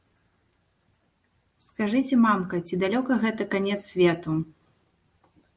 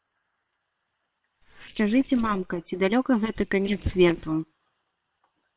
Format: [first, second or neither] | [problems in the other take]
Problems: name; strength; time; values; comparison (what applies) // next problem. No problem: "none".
first | noise reduction (neural separator model SepFormer WHAM!)